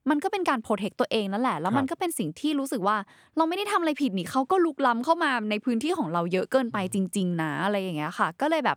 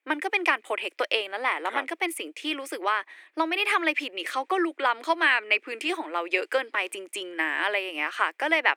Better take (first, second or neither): first